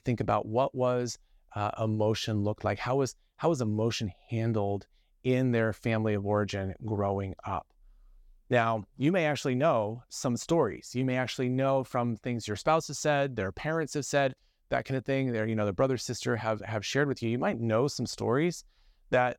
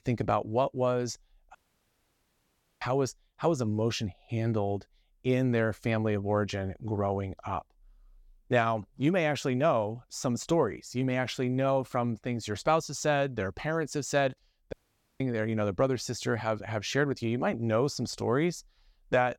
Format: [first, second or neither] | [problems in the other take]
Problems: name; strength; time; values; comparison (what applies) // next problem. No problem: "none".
first | audio cutting out; at 1.5 s for 1.5 s and at 15 s